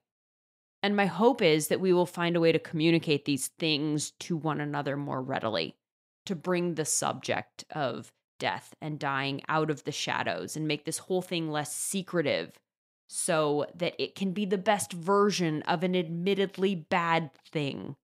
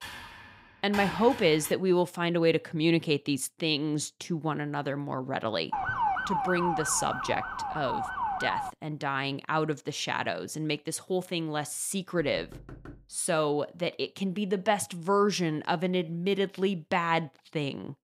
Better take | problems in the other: first | keyboard typing; noticeable; until 1.5 s; peak 6 dB below the speech // siren; loud; from 5.5 to 8.5 s; peak 1 dB above the speech // door banging; faint; at 12 s; peak 15 dB below the speech

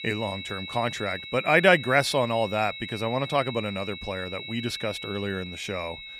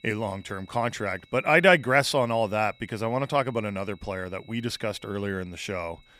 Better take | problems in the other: second | high-pitched whine; loud; throughout; 4 kHz, 10 dB below the speech; faint in the second

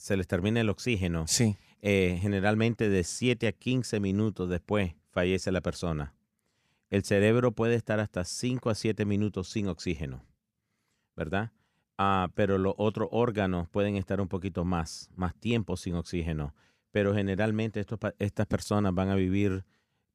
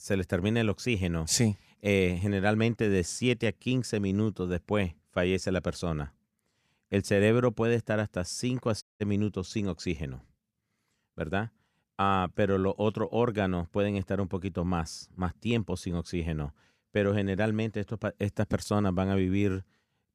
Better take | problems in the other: first | audio cutting out; at 9 s

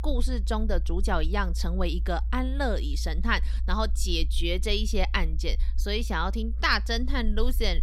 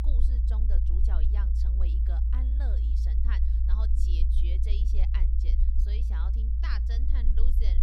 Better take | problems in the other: first | low rumble; loud; throughout; as loud as the speech; faint in the first

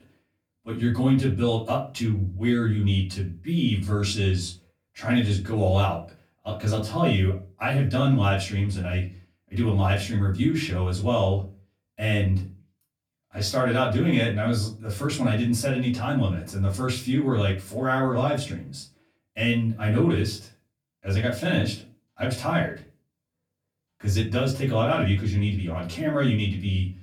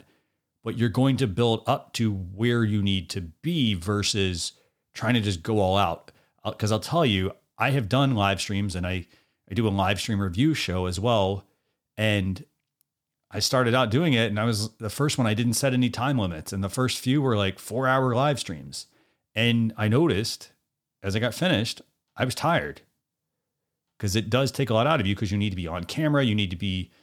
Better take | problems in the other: second | off-mic speech; far // room echo; slight; dies away in 0.3 s

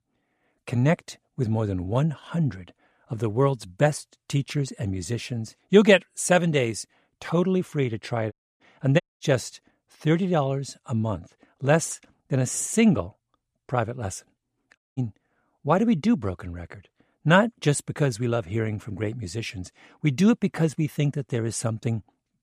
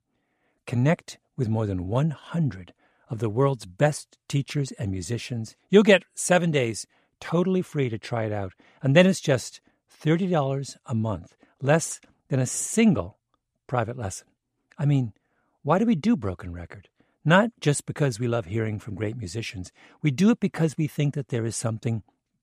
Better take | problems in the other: second | audio cutting out; at 8.5 s, at 9 s and at 15 s

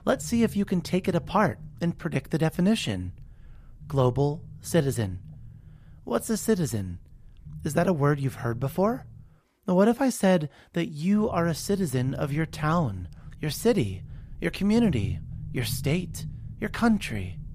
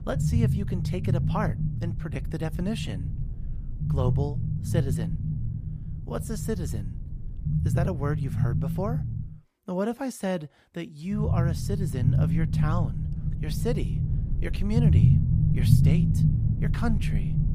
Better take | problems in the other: first | low rumble; loud; until 9.5 s and from 11 s on; 2 dB below the speech; faint in the first

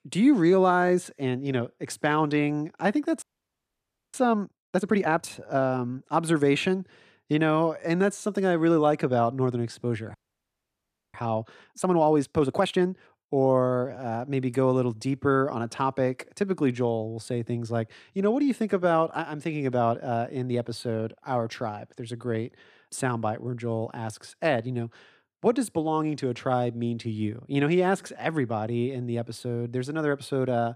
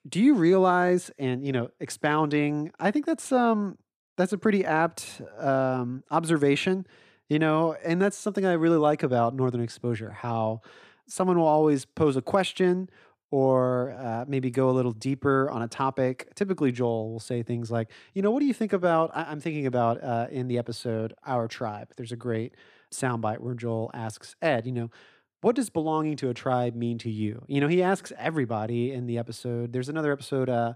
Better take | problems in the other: second | audio freezing; at 3 s for 1 s and at 10 s for 1 s

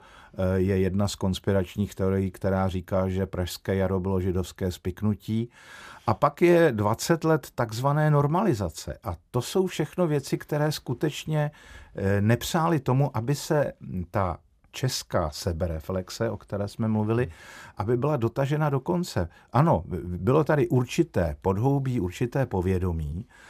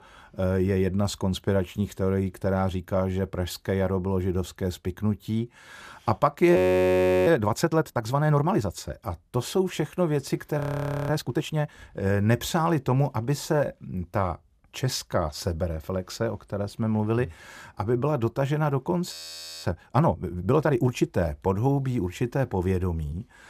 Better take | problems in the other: first | audio freezing; at 6.5 s for 0.5 s, at 11 s and at 19 s for 0.5 s

